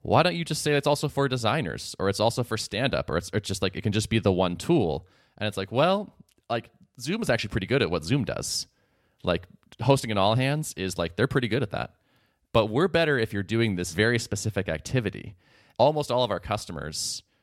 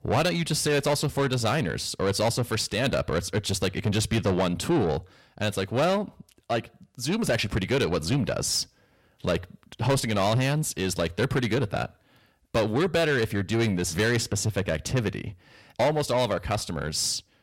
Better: first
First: none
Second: distortion; heavy; 8 dB below the speech

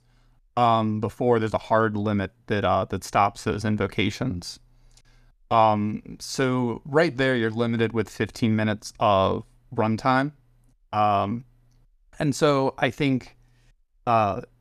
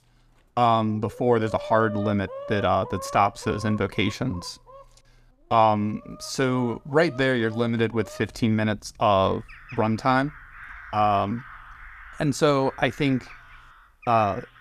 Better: first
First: none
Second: animal sounds; noticeable; throughout; 15 dB below the speech

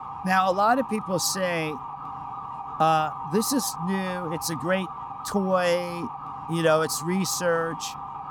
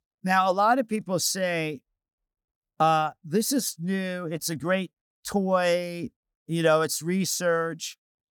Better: second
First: siren; noticeable; peak 9 dB below the speech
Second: none

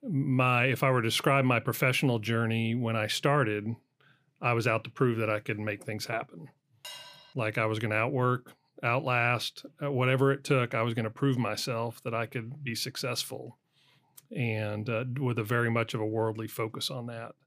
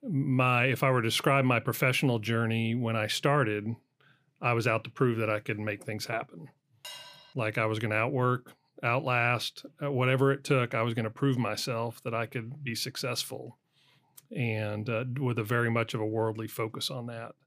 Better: neither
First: clattering dishes; faint; at 7 s; peak 15 dB below the speech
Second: clattering dishes; faint; at 7 s; peak 15 dB below the speech

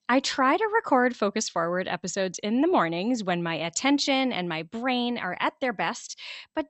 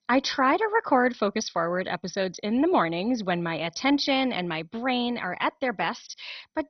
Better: first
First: garbled, watery; slightly; nothing above 8 kHz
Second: garbled, watery; badly; nothing above 6 kHz

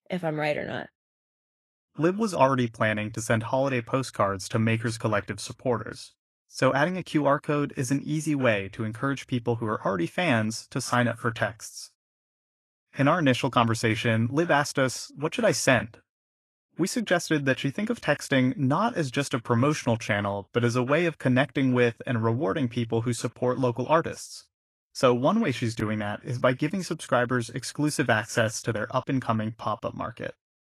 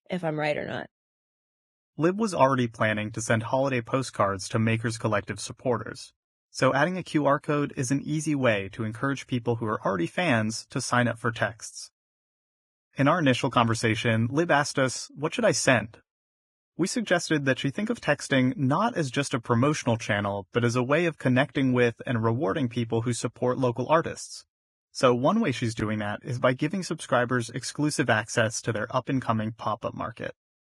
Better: first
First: garbled, watery; slightly; nothing above 11.5 kHz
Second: garbled, watery; badly; nothing above 10.5 kHz

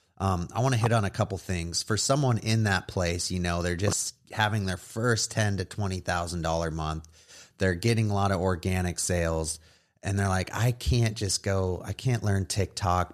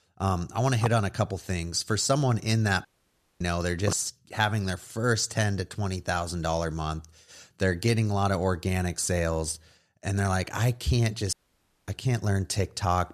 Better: first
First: none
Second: audio cutting out; at 3 s for 0.5 s and at 11 s for 0.5 s

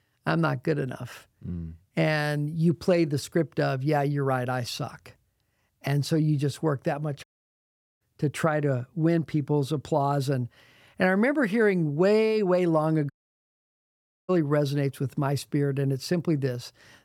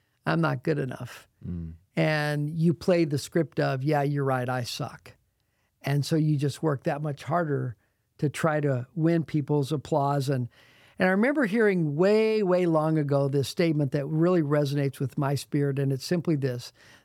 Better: second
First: audio cutting out; at 7 s for 1 s and at 13 s for 1 s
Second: none

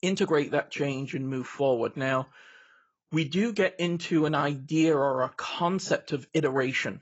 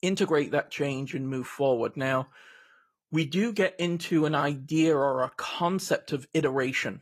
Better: second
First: garbled, watery; badly; nothing above 7.5 kHz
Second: garbled, watery; slightly; nothing above 14.5 kHz

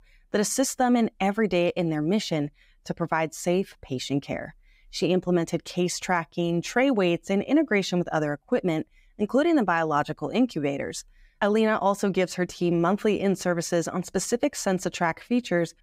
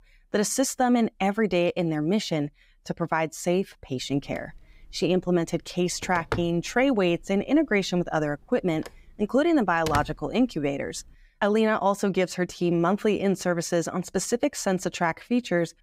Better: first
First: none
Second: phone ringing; noticeable; from 6 to 10 s; peak 7 dB below the speech

